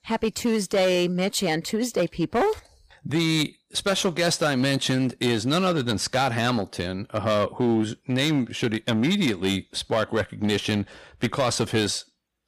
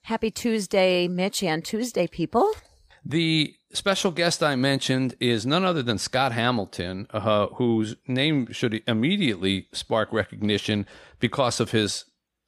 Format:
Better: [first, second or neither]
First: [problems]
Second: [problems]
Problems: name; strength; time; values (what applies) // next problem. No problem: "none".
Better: second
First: distortion; slight; 8% of the sound clipped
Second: none